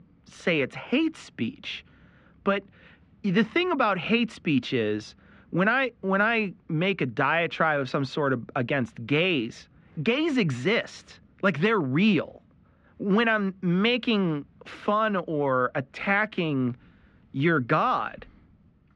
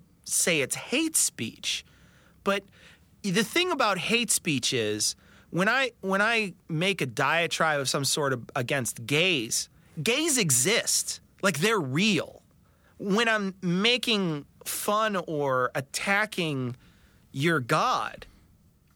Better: second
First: muffled; very; fading above 2.5 kHz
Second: none

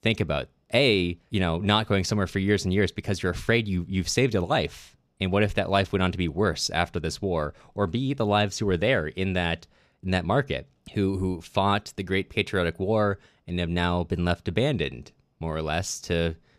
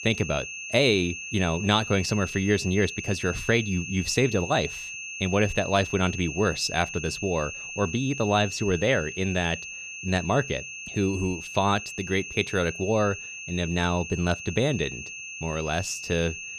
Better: first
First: none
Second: high-pitched whine; loud; throughout; 2.5 kHz, 9 dB below the speech

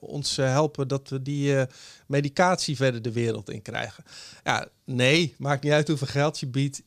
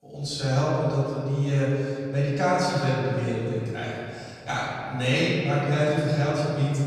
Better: first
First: none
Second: off-mic speech; far // room echo; strong; dies away in 2.4 s

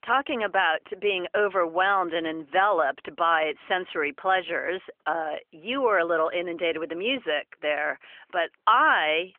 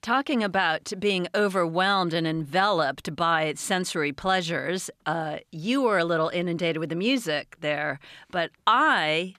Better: second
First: phone-call audio; nothing above 3 kHz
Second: none

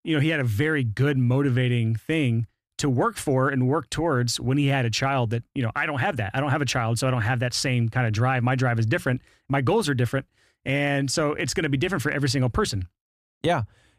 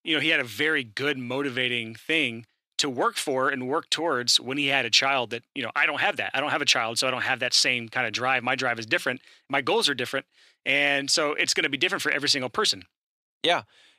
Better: first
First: none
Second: thin; somewhat; fading below 350 Hz

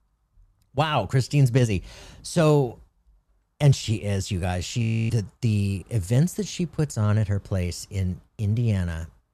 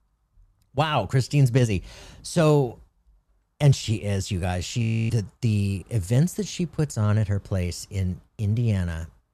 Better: neither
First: audio freezing; at 5 s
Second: audio freezing; at 5 s

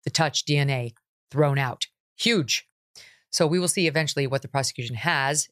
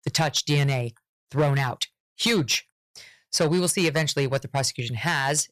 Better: first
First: none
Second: distortion; slight; 5% of the sound clipped

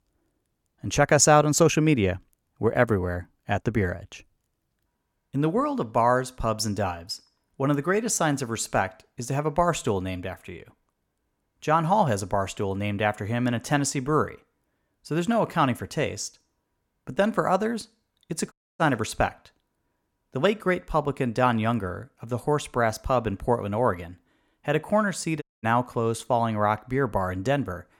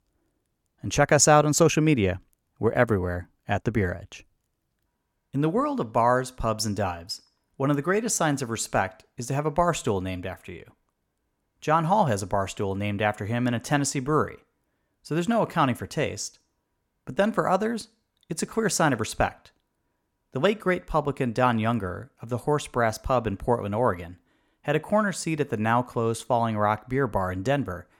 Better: second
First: audio cutting out; at 19 s and at 25 s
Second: none

